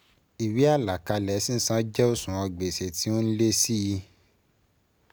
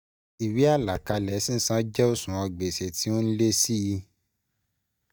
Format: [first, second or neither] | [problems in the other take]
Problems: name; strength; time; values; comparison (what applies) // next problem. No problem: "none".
first | noise reduction (neural mask model DeepFilterNet 3)